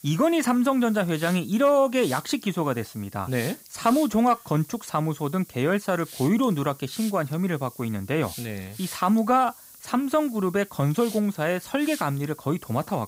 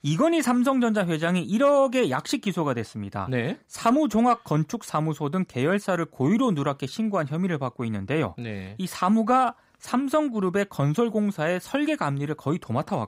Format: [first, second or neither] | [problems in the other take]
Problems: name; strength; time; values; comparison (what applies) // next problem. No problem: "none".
second | hiss; noticeable; throughout; 15 dB below the speech